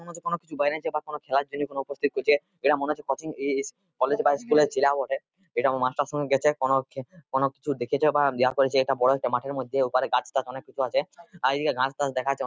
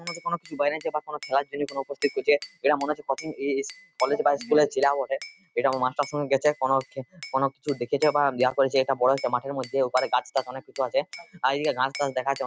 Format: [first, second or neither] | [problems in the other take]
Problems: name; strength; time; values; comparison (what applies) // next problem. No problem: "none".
first | background sound (Glass / Bell); 19 dB below the speech